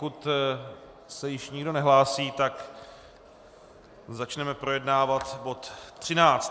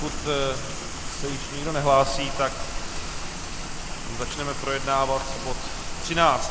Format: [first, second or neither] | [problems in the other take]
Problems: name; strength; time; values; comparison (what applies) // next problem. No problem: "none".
first | background sound (Rain); 3 dB below the speech